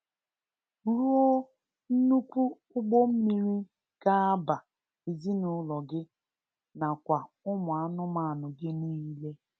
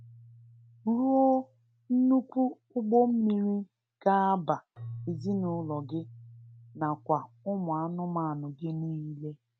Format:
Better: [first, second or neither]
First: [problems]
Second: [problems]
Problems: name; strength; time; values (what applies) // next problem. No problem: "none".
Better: first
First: none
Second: background sound (Keyboard (musical)); 20 dB below the speech